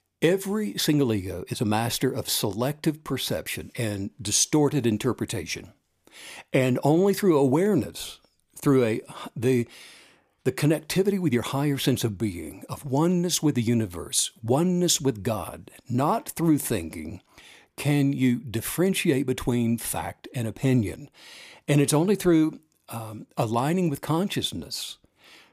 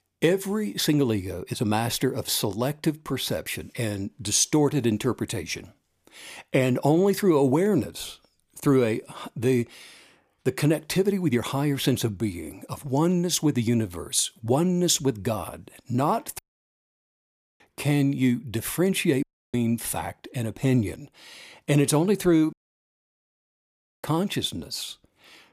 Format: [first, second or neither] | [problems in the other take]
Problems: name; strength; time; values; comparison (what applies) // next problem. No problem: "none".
first | audio cutting out; at 16 s for 1 s, at 19 s and at 23 s for 1.5 s